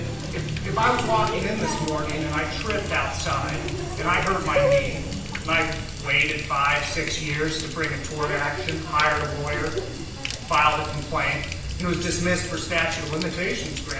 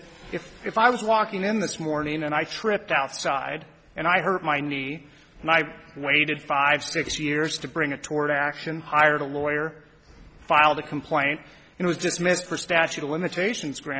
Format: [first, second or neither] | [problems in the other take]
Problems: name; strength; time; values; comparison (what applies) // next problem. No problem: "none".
second | background sound (Water tap, faucet); 4 dB below the speech // room echo; dies away in 0.7 s